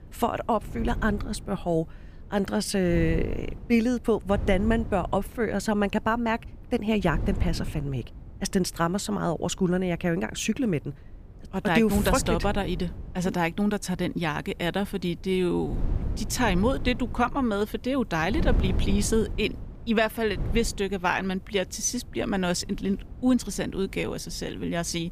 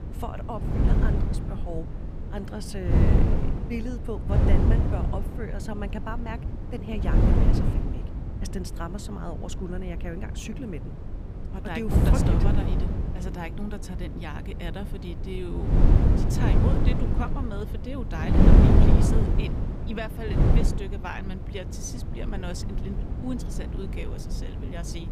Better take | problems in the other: first | wind noise on the microphone; heavy; 3 dB above the speech; occasional gusts in the first

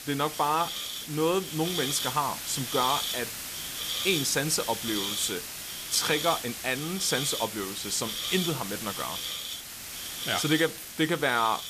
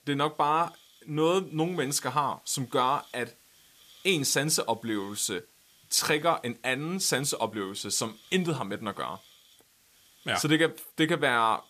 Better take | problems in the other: second | hiss; loud; throughout; 4 dB below the speech; faint in the second

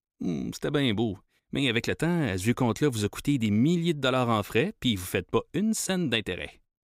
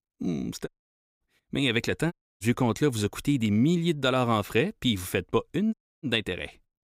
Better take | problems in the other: first | audio cutting out; at 0.5 s for 0.5 s, at 2 s and at 5.5 s

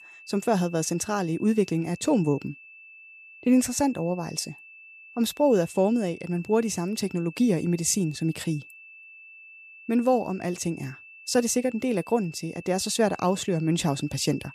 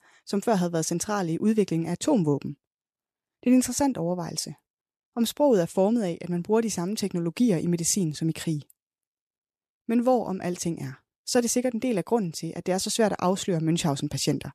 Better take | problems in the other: second | high-pitched whine; noticeable; throughout; 2.5 kHz, 20 dB below the speech

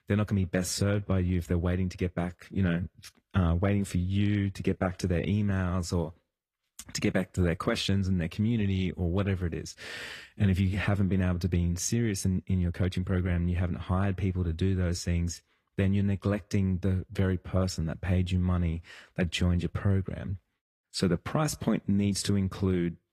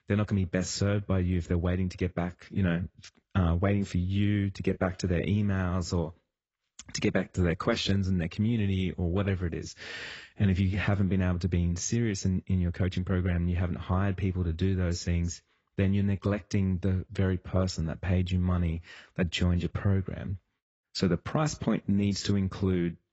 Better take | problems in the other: first | garbled, watery; badly; nothing above 7.5 kHz; slightly in the first

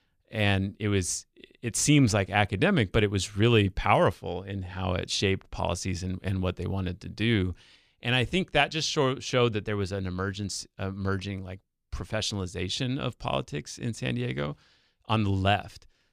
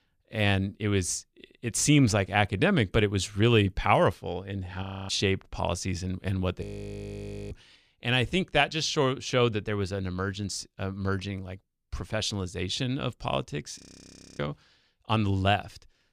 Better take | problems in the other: first | audio freezing; at 5 s, at 6.5 s for 1 s and at 14 s for 0.5 s

